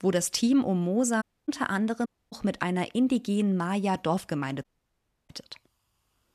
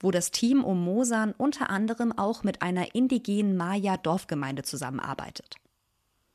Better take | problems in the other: second | audio cutting out; at 1 s, at 2 s and at 4.5 s for 0.5 s

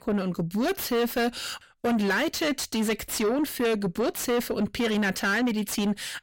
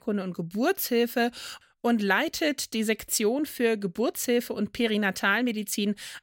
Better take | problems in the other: second | distortion; heavy; 7 dB below the speech

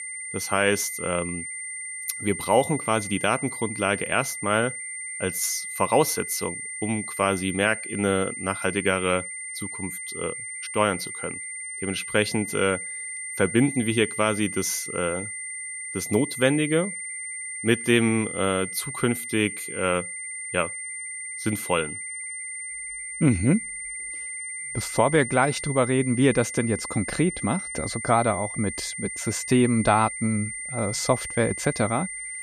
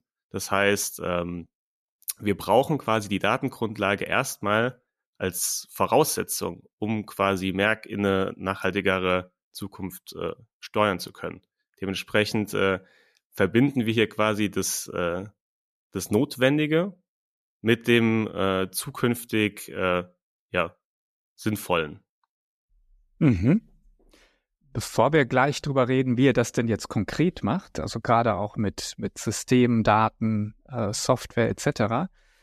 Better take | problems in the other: second | high-pitched whine; loud; throughout; 2 kHz, 7 dB below the speech

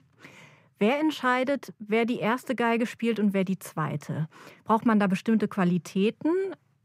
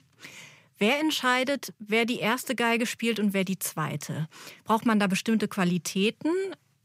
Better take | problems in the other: second | muffled; slightly; fading above 2.5 kHz

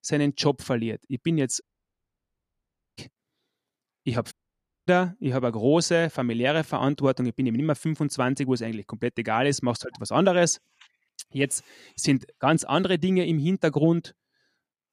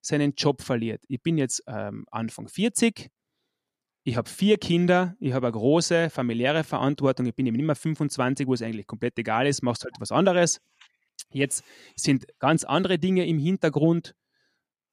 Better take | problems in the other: second | audio cutting out; at 1.5 s for 1.5 s and at 4.5 s for 0.5 s

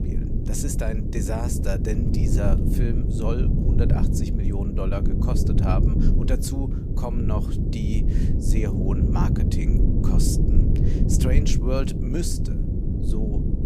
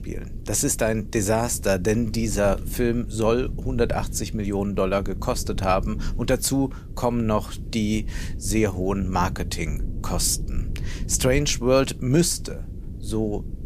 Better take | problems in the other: second | low rumble; loud; throughout; 1 dB below the speech; faint in the second

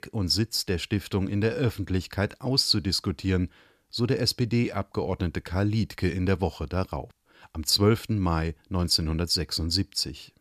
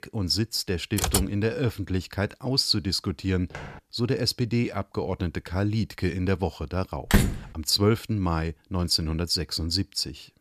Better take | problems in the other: first | keyboard typing; loud; at 1 s; peak 1 dB above the speech // footsteps; faint; at 3.5 s; peak 15 dB below the speech // door banging; loud; at 7 s; peak 3 dB above the speech

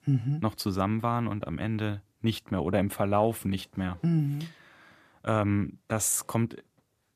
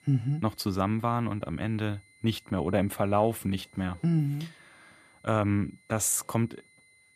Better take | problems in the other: first | high-pitched whine; faint; throughout; 2 kHz, 30 dB below the speech

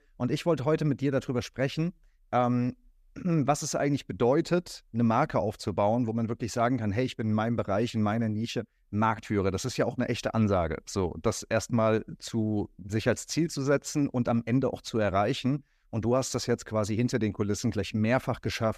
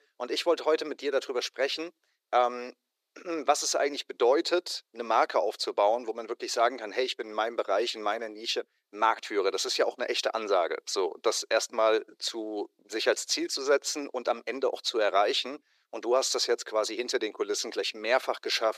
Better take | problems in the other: first | thin; very; fading below 350 Hz

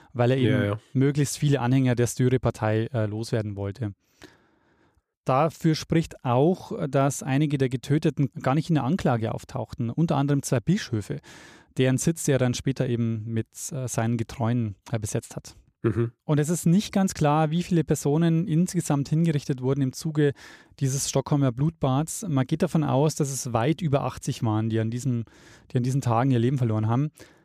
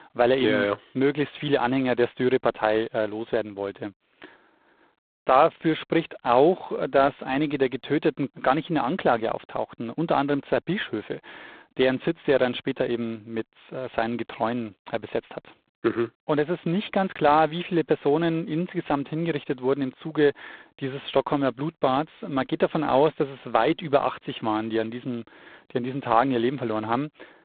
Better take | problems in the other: first | phone-call audio; poor line; nothing above 4 kHz

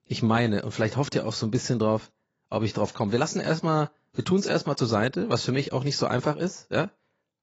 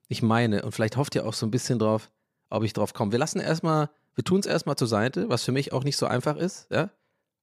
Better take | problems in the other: second | garbled, watery; badly; nothing above 7.5 kHz

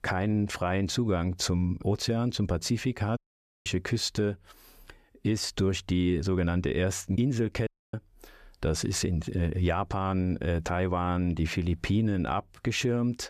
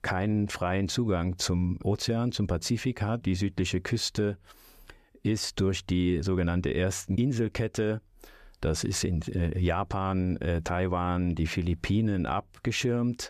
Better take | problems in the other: second | audio cutting out; at 3 s and at 7.5 s

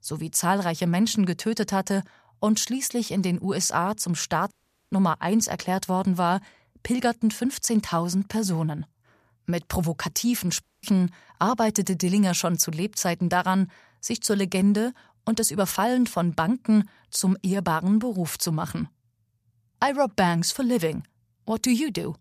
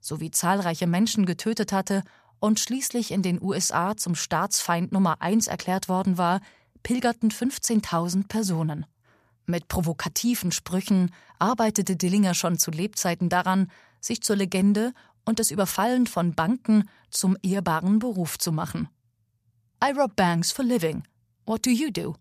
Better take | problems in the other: second | audio cutting out; at 4.5 s and at 11 s

